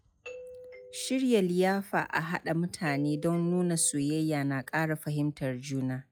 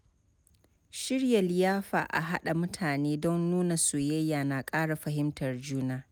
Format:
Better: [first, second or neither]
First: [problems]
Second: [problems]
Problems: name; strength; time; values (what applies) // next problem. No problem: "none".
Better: second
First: noise reduction (classical method log-MMSE)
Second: none